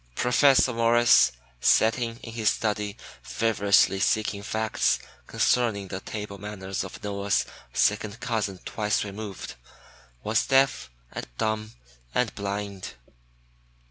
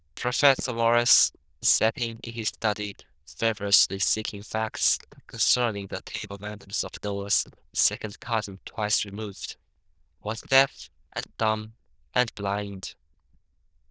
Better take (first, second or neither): first